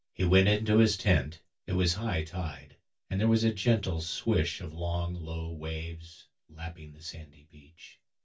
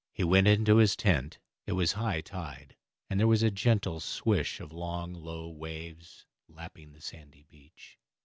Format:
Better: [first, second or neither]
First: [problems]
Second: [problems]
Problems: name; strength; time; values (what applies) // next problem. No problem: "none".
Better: second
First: room echo; dies away in 0.2 s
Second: none